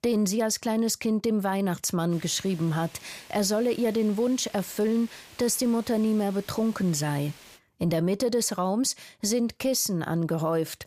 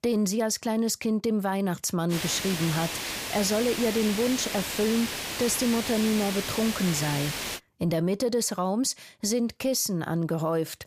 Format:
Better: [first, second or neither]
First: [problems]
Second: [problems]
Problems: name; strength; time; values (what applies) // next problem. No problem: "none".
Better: first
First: hiss; faint; from 2 to 7.5 s; 20 dB below the speech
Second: hiss; loud; from 2 to 7.5 s; 4 dB below the speech